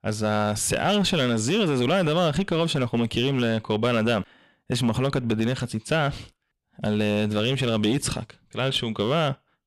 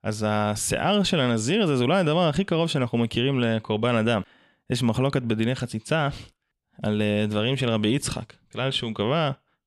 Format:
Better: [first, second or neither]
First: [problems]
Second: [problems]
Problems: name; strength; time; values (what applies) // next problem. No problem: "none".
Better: second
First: distortion; slight; 7% of the sound clipped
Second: none